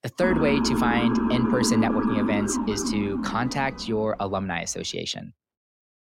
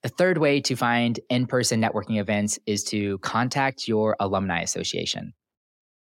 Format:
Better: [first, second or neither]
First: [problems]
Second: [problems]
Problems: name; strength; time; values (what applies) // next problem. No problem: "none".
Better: second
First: siren; loud; until 4 s; peak 3 dB above the speech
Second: none